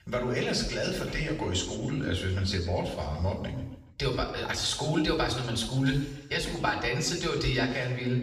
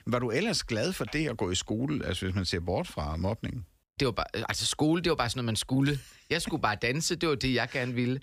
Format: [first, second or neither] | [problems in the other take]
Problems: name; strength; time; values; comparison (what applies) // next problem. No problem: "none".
second | room echo; noticeable; dies away in 1 s // off-mic speech; far